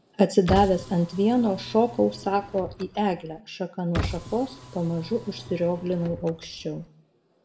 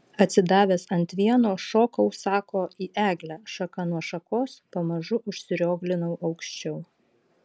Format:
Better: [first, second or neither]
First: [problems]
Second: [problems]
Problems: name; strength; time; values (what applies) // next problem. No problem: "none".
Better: second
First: background sound (Car); 11 dB below the speech // room echo; dies away in 0.4 s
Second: none